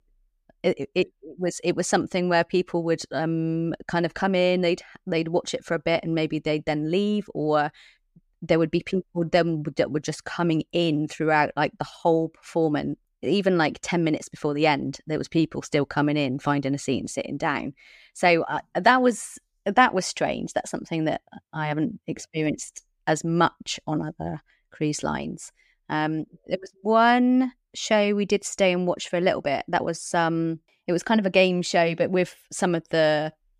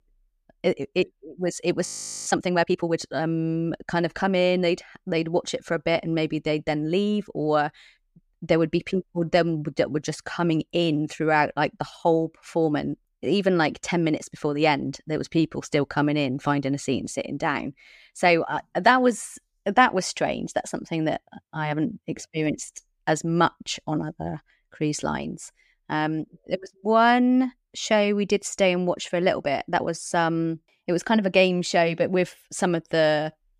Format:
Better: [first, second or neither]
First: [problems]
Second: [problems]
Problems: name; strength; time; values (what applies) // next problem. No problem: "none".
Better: first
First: none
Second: audio freezing; at 2 s